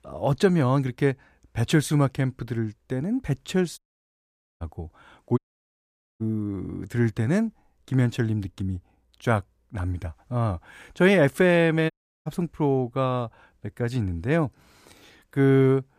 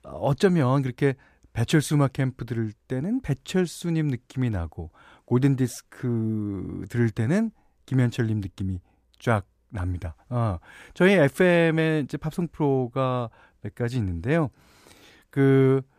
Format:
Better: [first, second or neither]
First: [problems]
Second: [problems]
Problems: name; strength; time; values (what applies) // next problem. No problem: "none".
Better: second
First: audio cutting out; at 4 s for 1 s, at 5.5 s for 1 s and at 12 s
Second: none